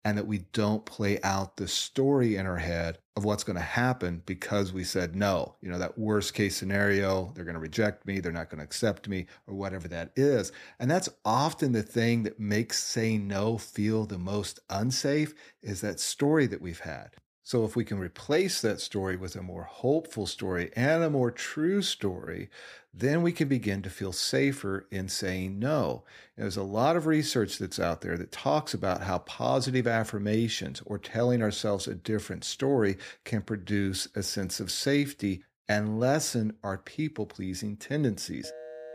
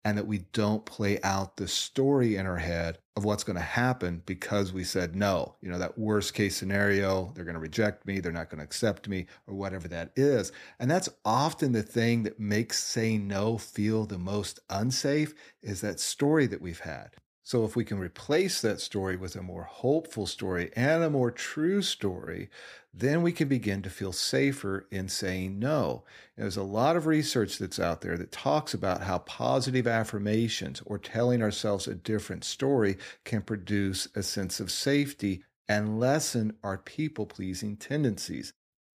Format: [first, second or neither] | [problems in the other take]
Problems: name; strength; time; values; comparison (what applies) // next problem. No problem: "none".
second | phone ringing; faint; at 38 s; peak 15 dB below the speech